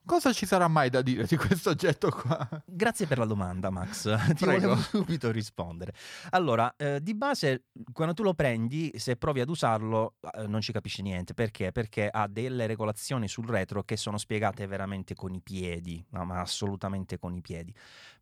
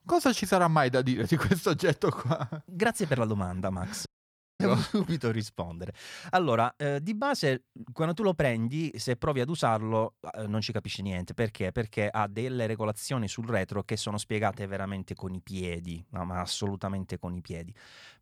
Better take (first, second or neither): first